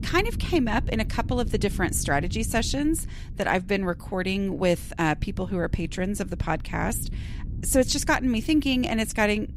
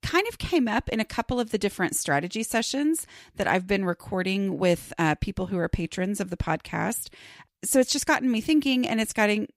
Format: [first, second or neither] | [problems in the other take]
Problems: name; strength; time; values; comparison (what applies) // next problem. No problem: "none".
second | wind noise on the microphone; occasional gusts; 20 dB below the speech